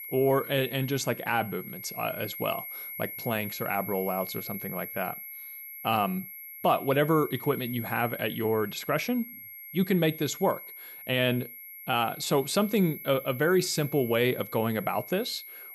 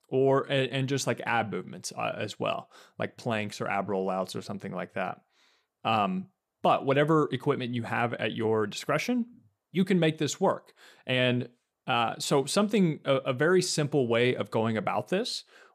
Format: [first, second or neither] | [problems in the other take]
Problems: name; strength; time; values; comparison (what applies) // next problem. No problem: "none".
second | high-pitched whine; noticeable; throughout; 11.5 kHz, 10 dB below the speech